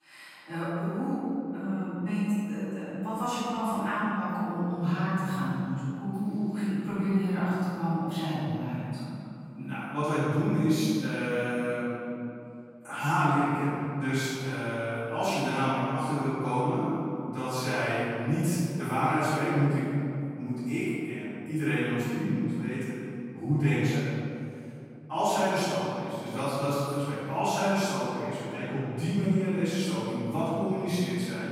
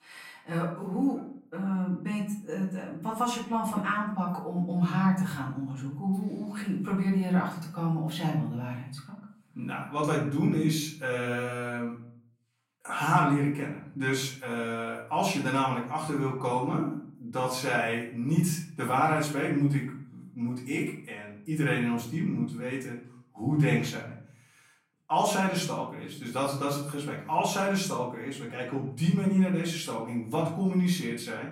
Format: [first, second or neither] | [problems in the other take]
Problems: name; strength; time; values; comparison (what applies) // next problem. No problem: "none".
second | room echo; strong; dies away in 2.5 s; slight in the second // off-mic speech; far; far in the second